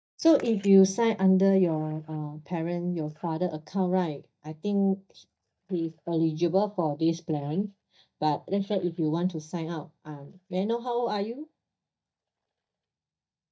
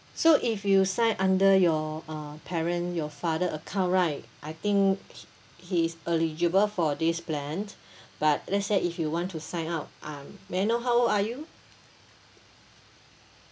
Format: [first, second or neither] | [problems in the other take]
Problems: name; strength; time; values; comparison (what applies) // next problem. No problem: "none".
second | noise reduction (neural mask model DeepFilterNet 3)